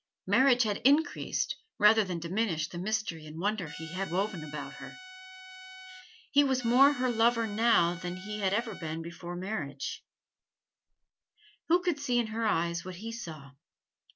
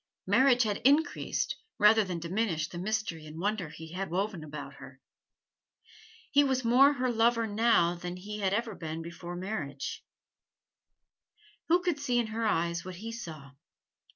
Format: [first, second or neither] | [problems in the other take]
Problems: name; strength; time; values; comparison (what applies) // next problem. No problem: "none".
second | background sound (Trumpet); 15 dB below the speech